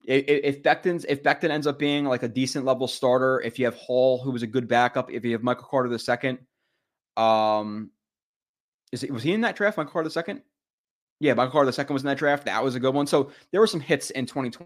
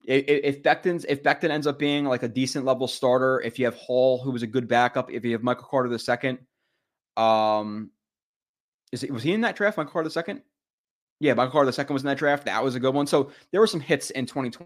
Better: neither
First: none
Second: none

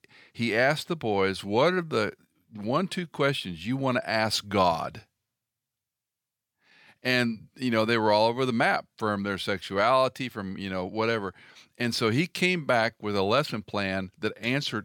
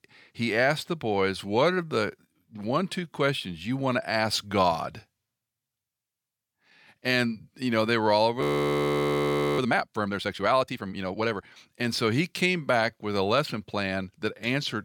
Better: first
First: none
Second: audio freezing; at 8.5 s for 1 s

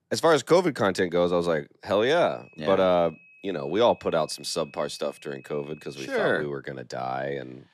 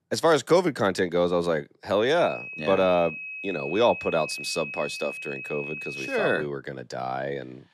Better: first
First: high-pitched whine; faint; from 2 to 6.5 s; 2.5 kHz, 25 dB below the speech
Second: high-pitched whine; loud; from 2 to 6.5 s; 2.5 kHz, 9 dB below the speech

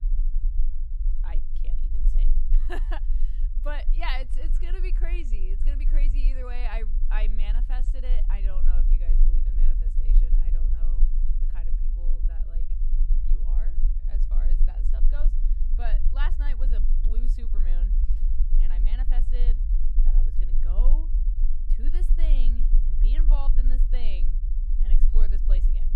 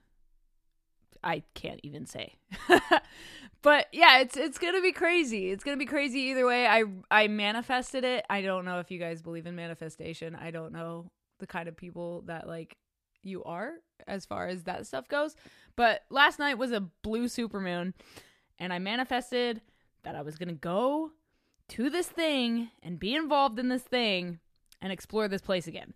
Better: second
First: low rumble; noticeable; throughout; 10 dB below the speech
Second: none

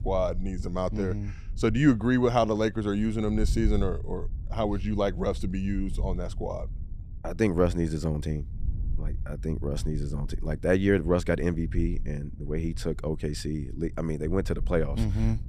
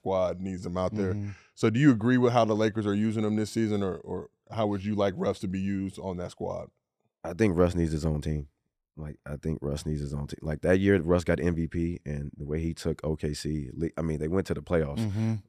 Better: second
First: low rumble; faint; throughout; 25 dB below the speech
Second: none

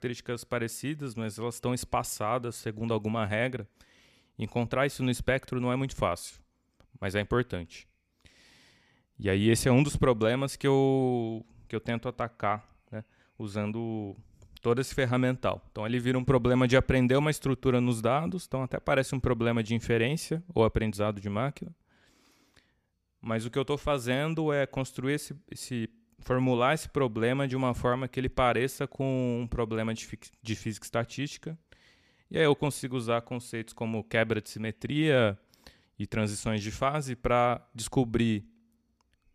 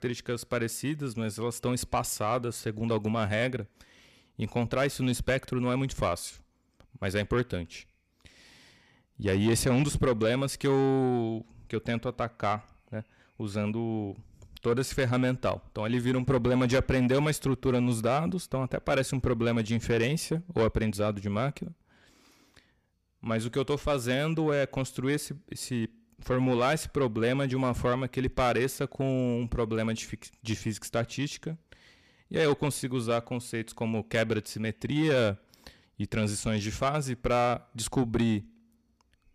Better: first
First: none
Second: distortion; slight; 10 dB below the speech

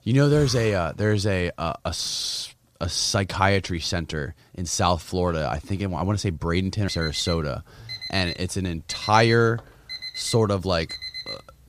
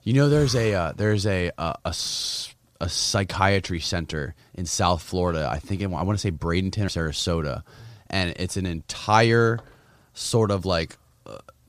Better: second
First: alarm; noticeable; from 7 s on; peak 8 dB below the speech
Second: none

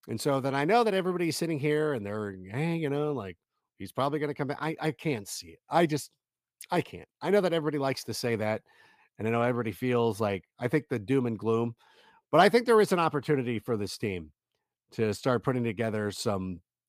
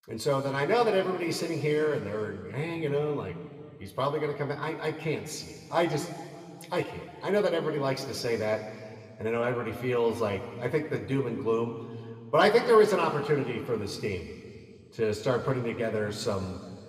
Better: first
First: none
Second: room echo; slight; dies away in 2.2 s

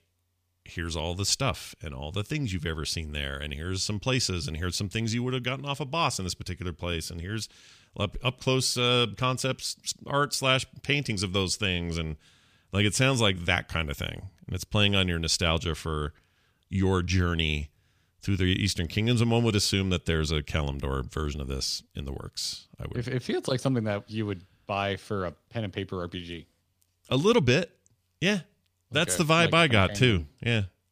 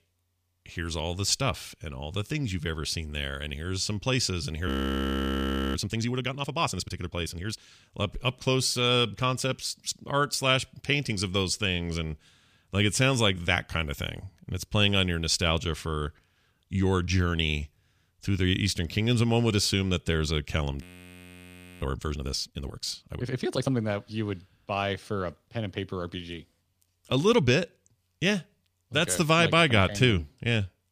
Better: first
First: none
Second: audio freezing; at 4.5 s for 1 s and at 21 s for 1 s

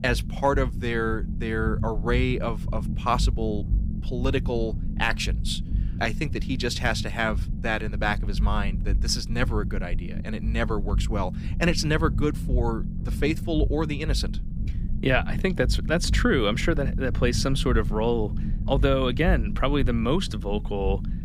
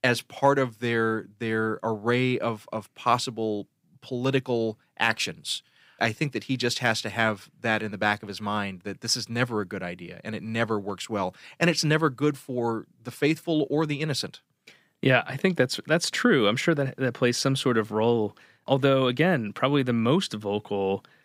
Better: second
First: low rumble; noticeable; throughout; 15 dB below the speech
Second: none

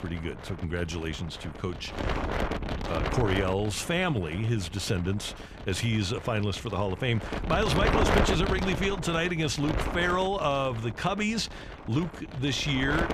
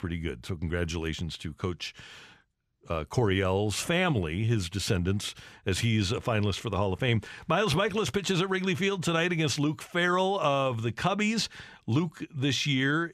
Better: second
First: wind noise on the microphone; heavy; 4 dB below the speech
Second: none

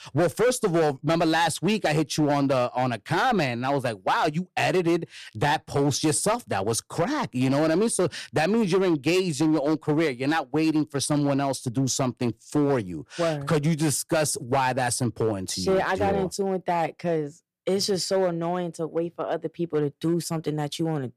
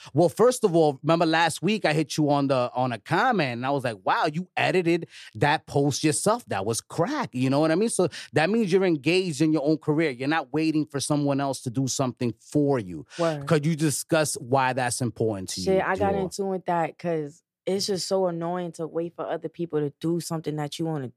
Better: second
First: distortion; slight; 8% of the sound clipped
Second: none

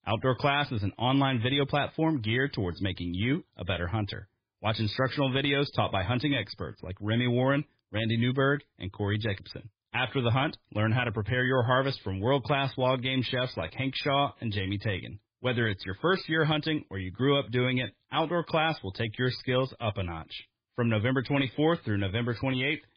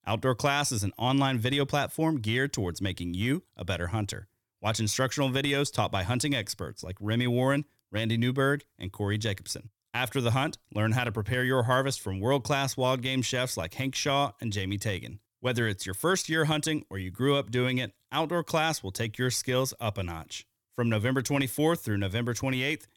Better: second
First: garbled, watery; badly; nothing above 5 kHz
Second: none

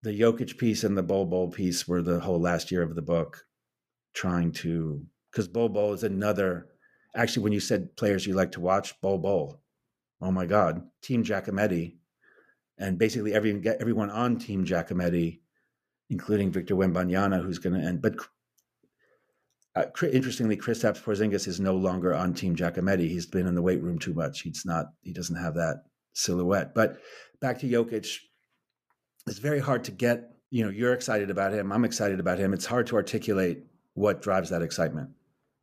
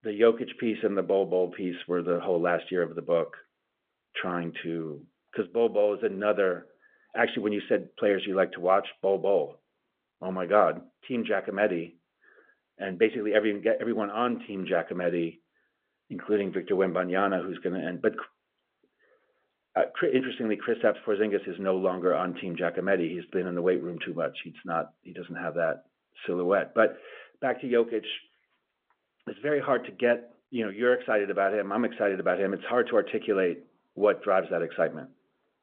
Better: first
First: none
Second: phone-call audio

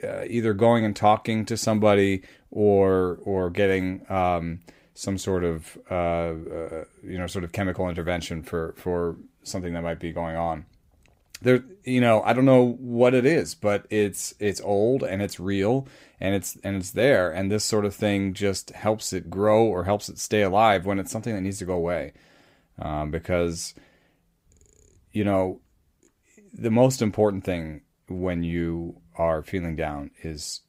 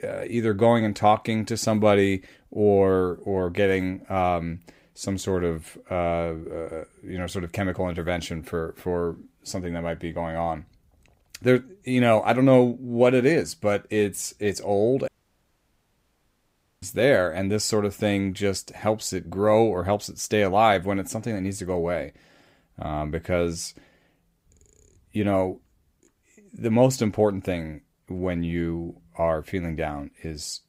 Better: first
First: none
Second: audio cutting out; at 15 s for 1.5 s

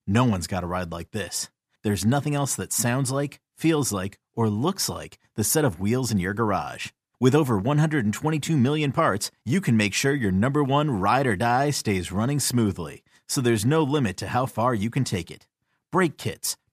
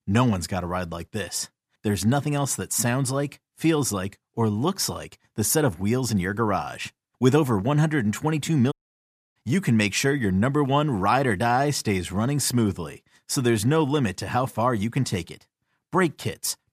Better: first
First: none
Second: audio cutting out; at 8.5 s for 0.5 s

